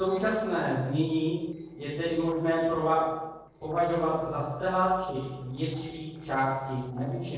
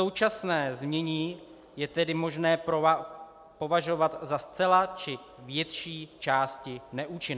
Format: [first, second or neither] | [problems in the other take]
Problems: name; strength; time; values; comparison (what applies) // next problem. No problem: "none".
second | noise reduction (neural separator model SepFormer DNS4)